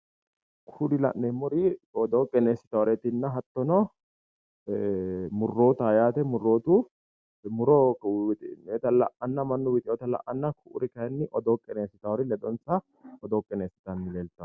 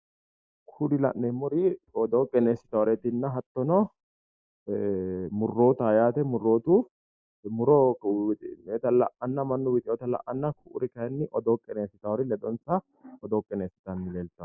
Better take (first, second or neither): first